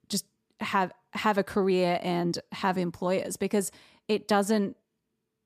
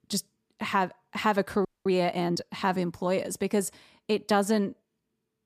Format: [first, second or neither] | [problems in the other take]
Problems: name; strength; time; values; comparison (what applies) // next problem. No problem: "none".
first | audio freezing; at 1.5 s